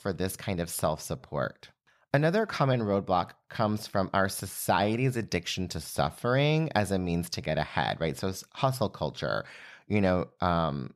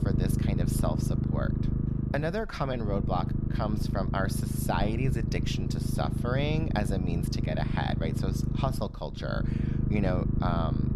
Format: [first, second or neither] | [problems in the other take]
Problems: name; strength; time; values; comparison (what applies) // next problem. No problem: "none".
first | low rumble; loud; throughout; 5 dB below the speech